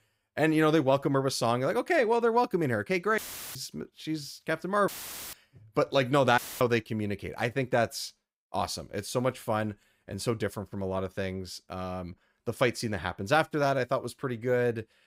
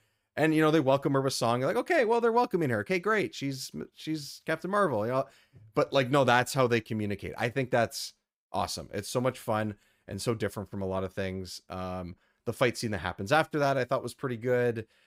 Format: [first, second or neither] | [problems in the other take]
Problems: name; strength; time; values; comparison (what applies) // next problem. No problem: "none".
second | audio cutting out; filled with static; at 3 s, at 5 s and at 6.5 s